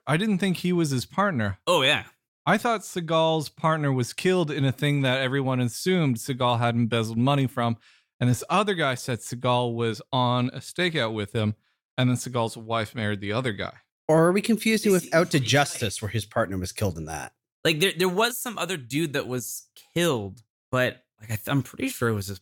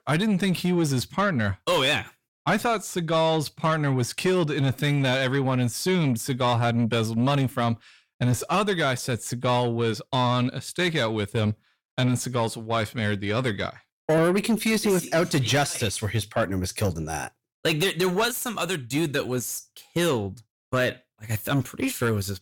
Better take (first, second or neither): first